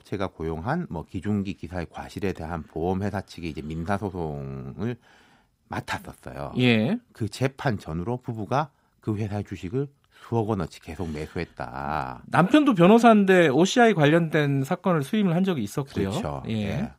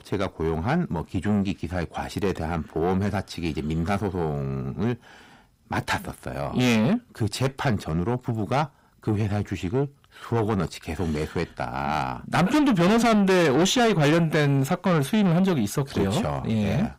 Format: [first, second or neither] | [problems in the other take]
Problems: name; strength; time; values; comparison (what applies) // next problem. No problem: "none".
first | distortion; heavy; 6 dB below the speech